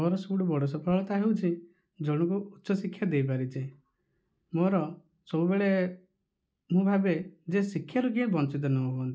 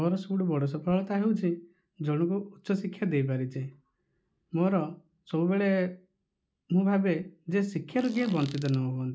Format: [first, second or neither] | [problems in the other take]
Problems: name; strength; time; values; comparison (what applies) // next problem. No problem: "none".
first | background sound (Fart); 19 dB below the speech